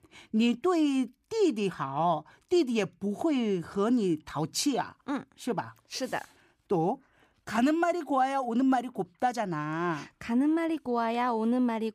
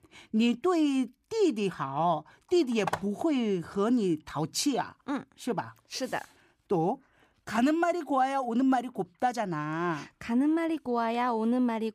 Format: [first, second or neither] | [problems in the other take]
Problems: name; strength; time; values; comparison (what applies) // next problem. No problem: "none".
first | phone ringing; noticeable; at 3 s; peak 6 dB below the speech